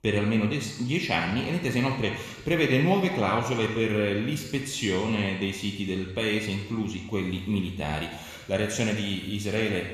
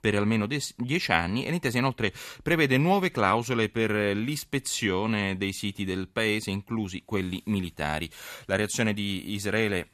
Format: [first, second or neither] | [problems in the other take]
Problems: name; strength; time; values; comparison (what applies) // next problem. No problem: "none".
second | room echo; noticeable; dies away in 1.1 s